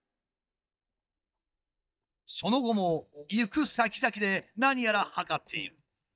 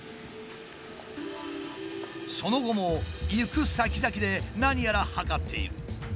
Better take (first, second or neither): second